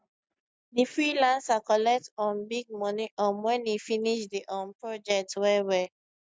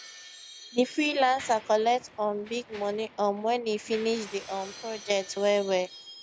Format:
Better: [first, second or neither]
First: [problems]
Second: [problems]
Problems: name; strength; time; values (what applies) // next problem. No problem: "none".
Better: first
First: none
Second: background sound (Mechanisms + Shatter); 18 dB below the speech